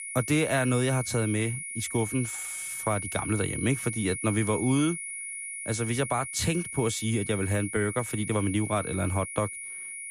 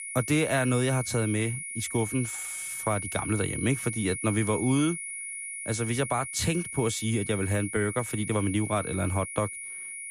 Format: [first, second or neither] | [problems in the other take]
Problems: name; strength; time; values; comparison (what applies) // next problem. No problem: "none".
neither | high-pitched whine; loud; throughout; 2 kHz, 6 dB below the speech; the same in both